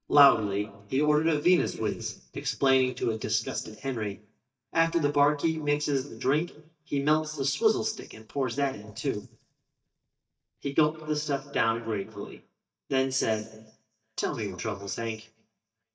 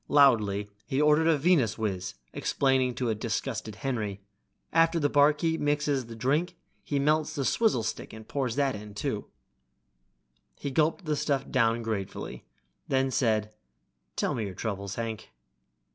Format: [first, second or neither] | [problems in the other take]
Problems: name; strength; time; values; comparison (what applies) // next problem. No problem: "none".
second | noise reduction (neural mask model DeepFilterNet 3)